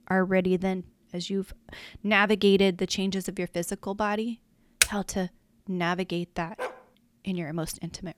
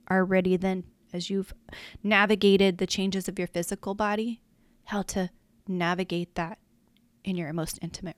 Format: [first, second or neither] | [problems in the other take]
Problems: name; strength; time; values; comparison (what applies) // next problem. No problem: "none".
second | keyboard typing; very faint; at 5 s; peak 3 dB above the speech // dog barking; noticeable; at 6.5 s; peak 9 dB below the speech